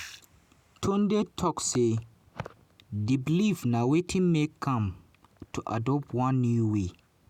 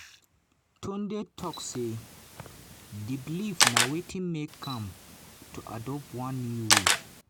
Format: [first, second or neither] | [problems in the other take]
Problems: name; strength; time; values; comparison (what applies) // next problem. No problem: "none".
first | background sound (Camera); 5 dB above the speech